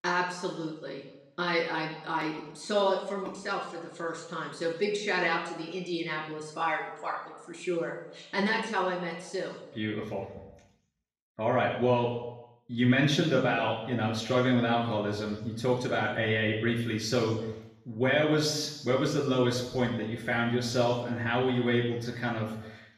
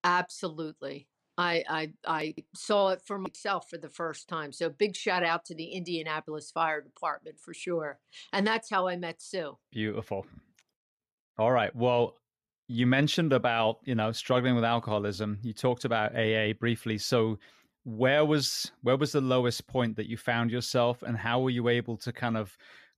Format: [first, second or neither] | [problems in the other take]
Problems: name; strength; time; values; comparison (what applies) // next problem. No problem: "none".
second | room echo; noticeable; dies away in 0.9 s // off-mic speech; far